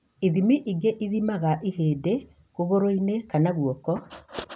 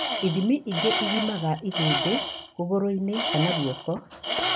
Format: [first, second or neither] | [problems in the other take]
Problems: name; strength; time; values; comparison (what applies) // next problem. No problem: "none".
first | background sound (Tools); 3 dB below the speech